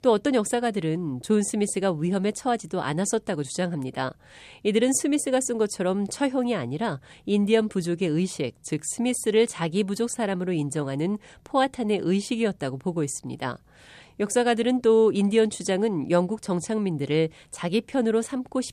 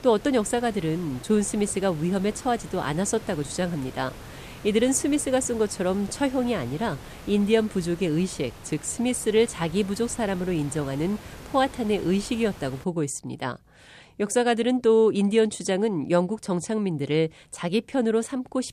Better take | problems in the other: first | hiss; noticeable; until 13 s; 20 dB below the speech

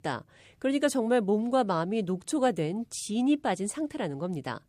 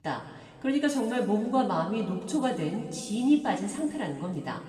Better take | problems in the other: first | room echo; noticeable; dies away in 1.8 s // off-mic speech; far

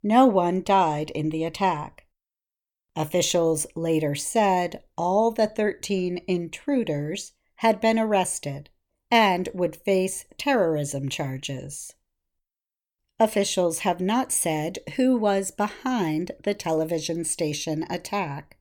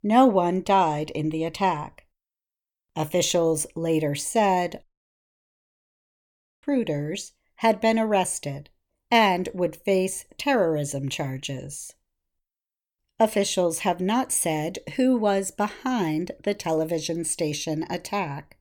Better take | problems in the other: first | audio cutting out; at 5 s for 2 s

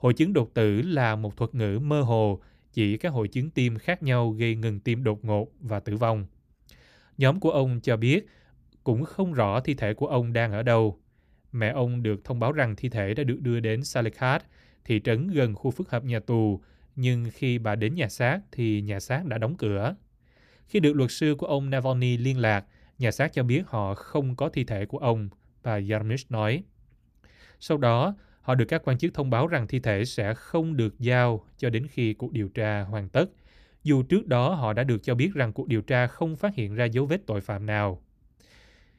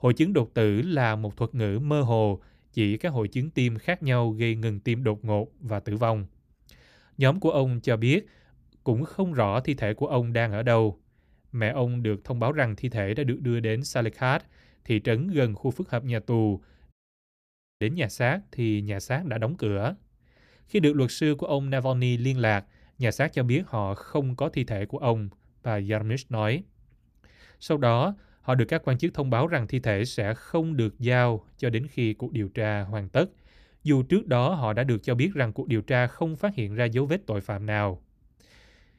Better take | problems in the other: first | audio cutting out; at 17 s for 1 s

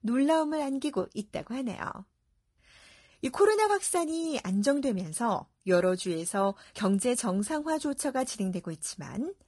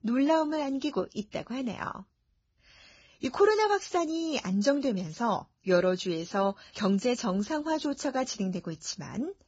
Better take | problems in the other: first | garbled, watery; badly; nothing above 7.5 kHz; slightly in the first

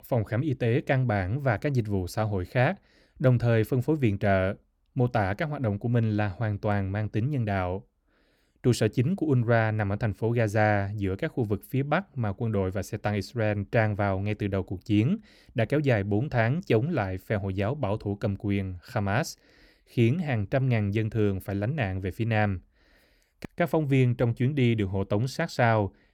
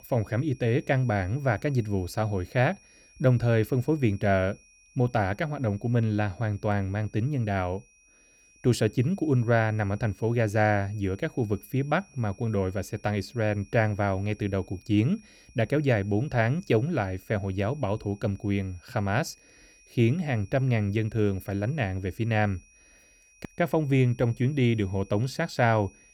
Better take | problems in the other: first | high-pitched whine; faint; throughout; 2.5 kHz, 30 dB below the speech

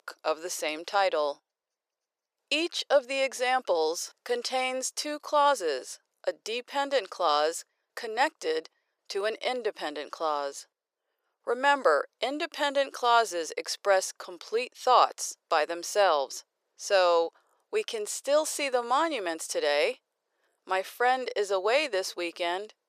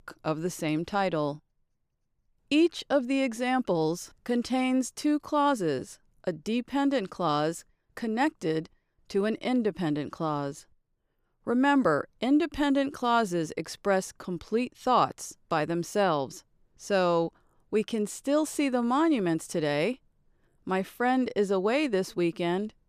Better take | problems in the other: second | thin; very; fading below 500 Hz

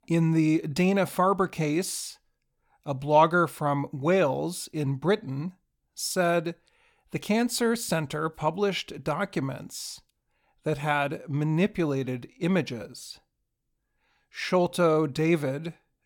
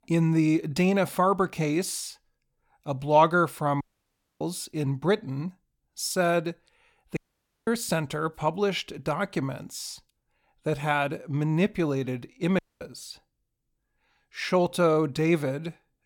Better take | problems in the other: first | audio cutting out; at 4 s for 0.5 s, at 7 s for 0.5 s and at 13 s

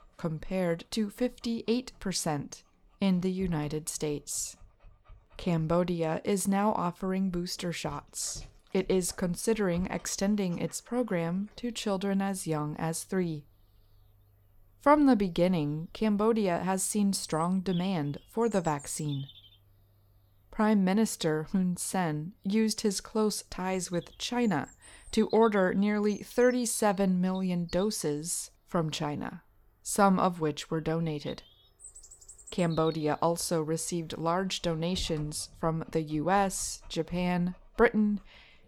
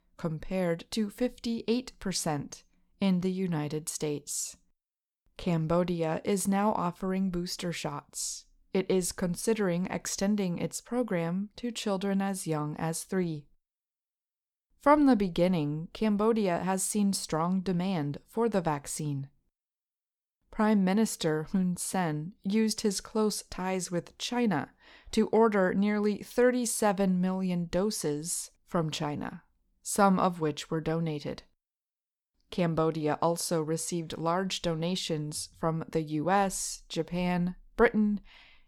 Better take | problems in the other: second | animal sounds; faint; throughout; 25 dB below the speech

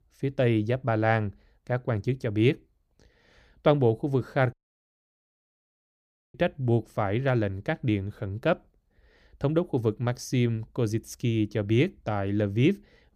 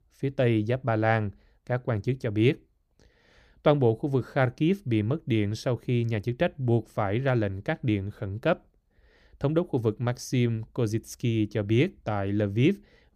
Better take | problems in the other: second | audio cutting out; at 4.5 s for 2 s

